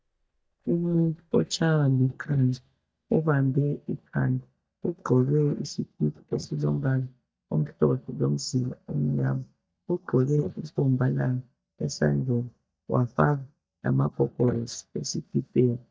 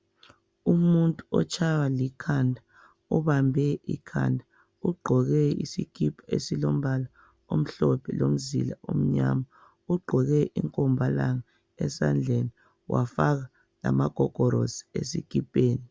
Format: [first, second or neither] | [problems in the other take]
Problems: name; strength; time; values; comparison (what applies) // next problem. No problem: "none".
second | noise reduction (neural mask model DeepFilterNet 3)